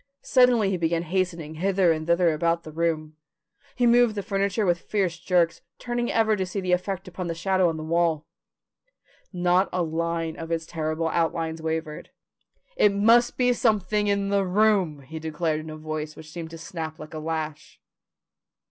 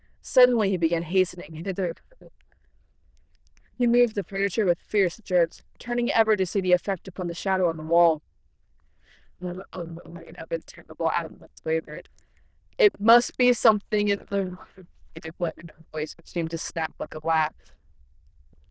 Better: first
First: none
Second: noise reduction (neural diffusion model UNIVERSE++)

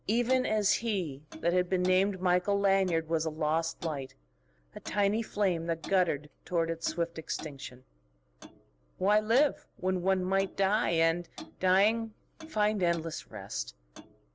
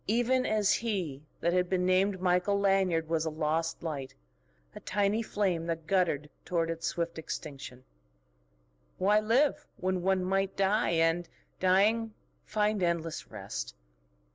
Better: second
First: background sound (Clock); 20 dB below the speech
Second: none

